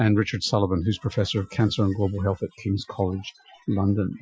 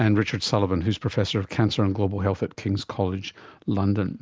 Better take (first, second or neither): second